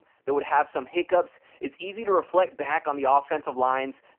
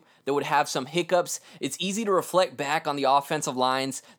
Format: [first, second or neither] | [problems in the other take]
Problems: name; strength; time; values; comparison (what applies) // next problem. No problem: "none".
second | phone-call audio; poor line; nothing above 3 kHz